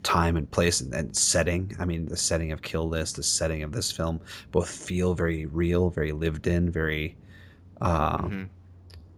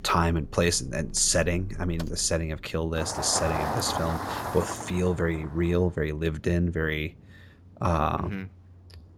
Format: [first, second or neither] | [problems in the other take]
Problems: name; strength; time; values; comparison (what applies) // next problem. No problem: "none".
first | traffic noise; loud; until 6 s; 7 dB below the speech